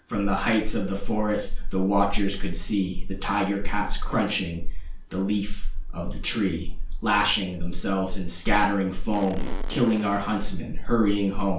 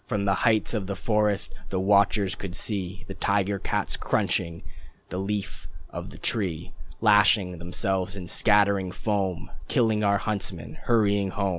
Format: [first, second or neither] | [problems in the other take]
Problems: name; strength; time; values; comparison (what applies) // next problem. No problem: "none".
second | background sound (Fart); 16 dB below the speech // room echo; dies away in 0.4 s